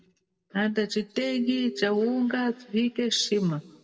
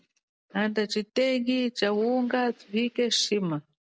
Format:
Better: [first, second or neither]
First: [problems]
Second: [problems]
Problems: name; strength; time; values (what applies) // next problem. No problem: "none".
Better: second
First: background sound (Telephone); 13 dB below the speech // room echo; dies away in 1.1 s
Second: none